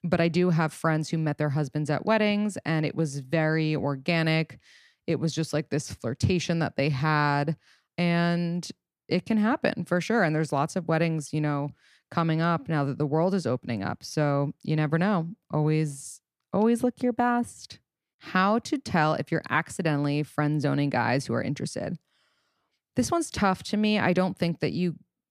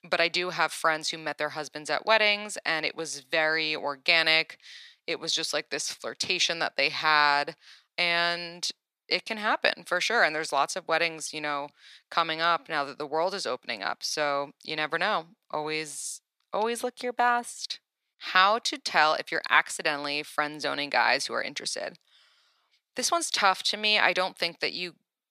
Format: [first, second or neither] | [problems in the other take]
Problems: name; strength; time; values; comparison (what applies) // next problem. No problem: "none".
first | thin; very; fading below 750 Hz